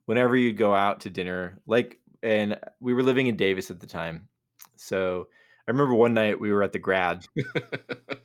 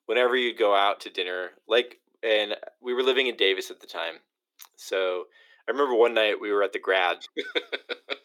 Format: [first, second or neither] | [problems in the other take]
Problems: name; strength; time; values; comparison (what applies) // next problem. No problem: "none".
first | thin; very; fading below 350 Hz